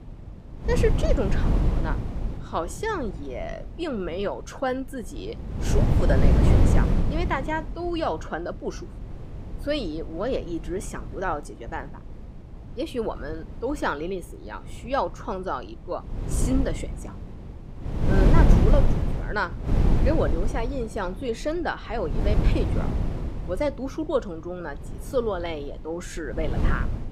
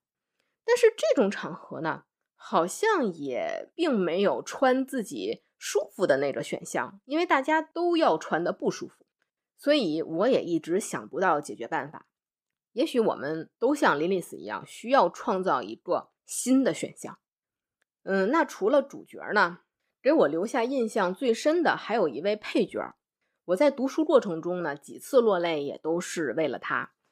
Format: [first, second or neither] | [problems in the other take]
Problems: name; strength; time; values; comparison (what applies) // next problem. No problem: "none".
second | wind noise on the microphone; heavy; 5 dB below the speech